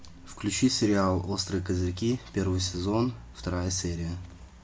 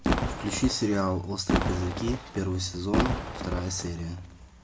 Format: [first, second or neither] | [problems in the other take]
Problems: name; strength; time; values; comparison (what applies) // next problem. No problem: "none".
first | background sound (Fireworks); 1 dB below the speech